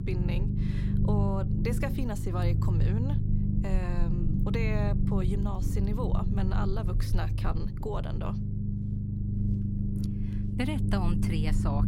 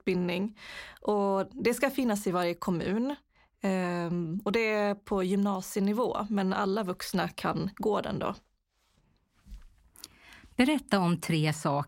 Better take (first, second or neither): second